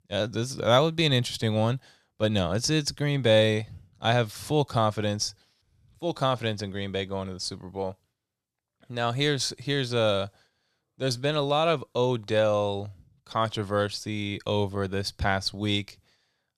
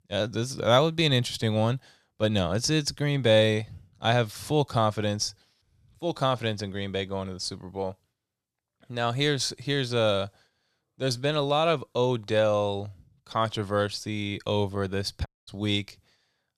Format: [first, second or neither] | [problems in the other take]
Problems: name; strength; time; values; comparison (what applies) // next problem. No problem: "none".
first | audio cutting out; at 15 s